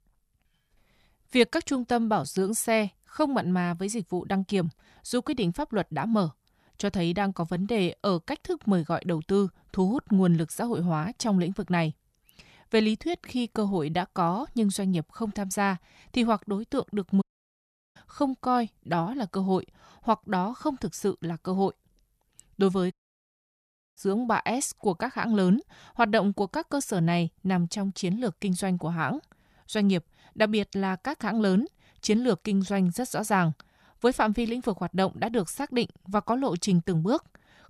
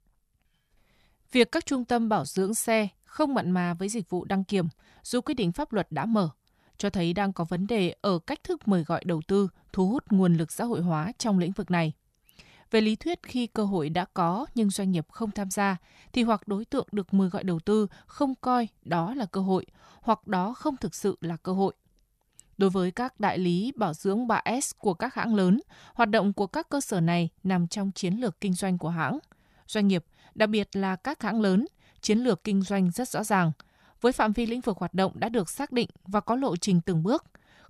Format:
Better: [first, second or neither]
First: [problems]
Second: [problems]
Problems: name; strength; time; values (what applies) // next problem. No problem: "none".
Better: second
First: audio cutting out; at 17 s for 0.5 s and at 23 s for 1 s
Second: none